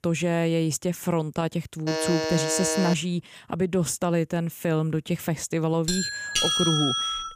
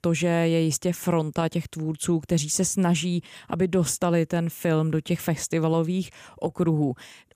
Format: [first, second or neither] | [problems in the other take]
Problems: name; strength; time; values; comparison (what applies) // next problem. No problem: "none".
second | alarm; noticeable; from 2 to 3 s; peak level with the speech // doorbell; loud; from 6 s on; peak 5 dB above the speech